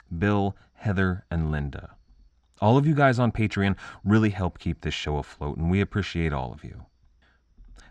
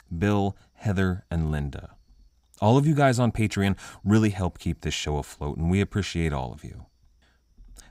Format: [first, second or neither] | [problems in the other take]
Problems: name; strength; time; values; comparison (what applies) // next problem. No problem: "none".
second | muffled; very slightly; fading above 4 kHz